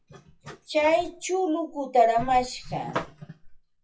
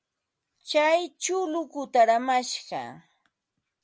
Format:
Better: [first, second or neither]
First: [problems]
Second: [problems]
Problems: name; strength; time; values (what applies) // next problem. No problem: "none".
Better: second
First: noise reduction (classical method WPE with log-MMSE)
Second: none